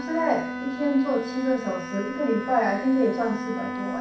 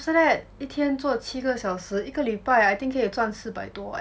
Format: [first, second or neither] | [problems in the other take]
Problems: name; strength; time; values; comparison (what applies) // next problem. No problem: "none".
second | background sound (Bowed string instrument); 7 dB below the speech // room echo; dies away in 0.6 s